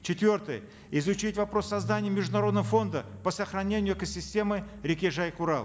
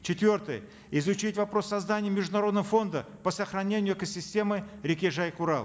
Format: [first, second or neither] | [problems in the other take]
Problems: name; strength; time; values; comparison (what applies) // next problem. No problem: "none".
second | background sound (Engine starting / Car); 12 dB below the speech